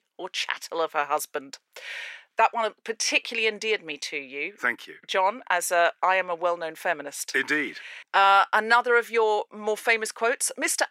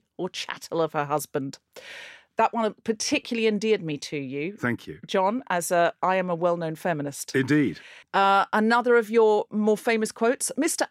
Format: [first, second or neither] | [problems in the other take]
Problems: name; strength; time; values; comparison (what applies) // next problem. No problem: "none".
second | thin; very; fading below 600 Hz